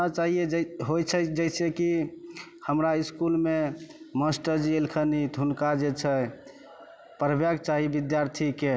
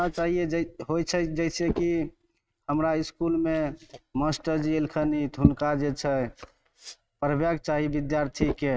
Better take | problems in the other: first | noise reduction (neural mask model RNNoise)

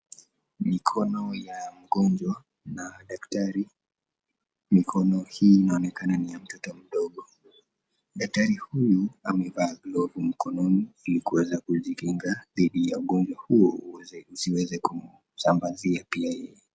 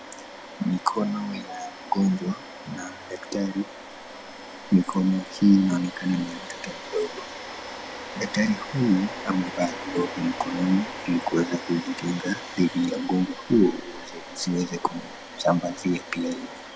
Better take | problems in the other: first | background sound (Domestic sounds, home sounds); 12 dB below the speech

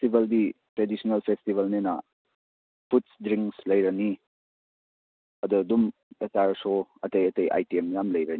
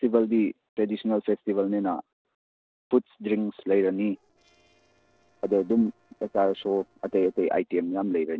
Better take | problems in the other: first | noise reduction (neural separator model SepFormer DNS4)

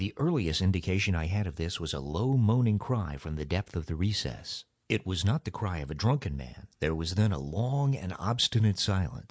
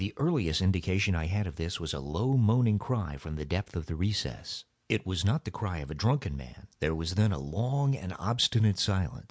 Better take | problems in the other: second | noise reduction (neural mask model Resemble Enhance denoiser)

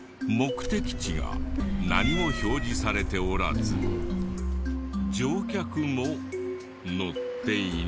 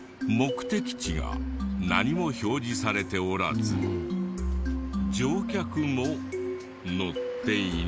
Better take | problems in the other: second | background sound (Cat); 2 dB below the speech

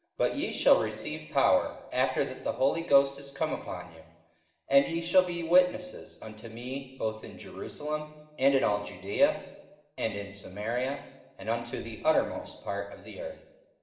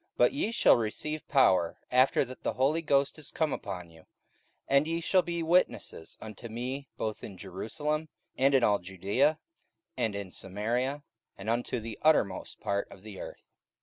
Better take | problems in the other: second | room echo; dies away in 0.8 s

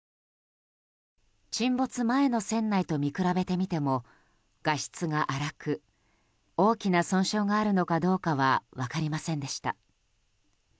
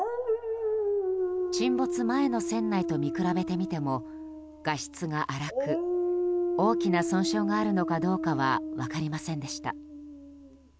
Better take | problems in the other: first | background sound (Dog); as loud as the speech

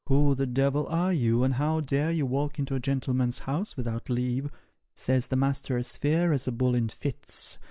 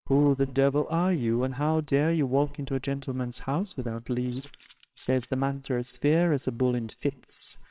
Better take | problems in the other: first | noise reduction (neural separator model SepFormer WHAMR!)

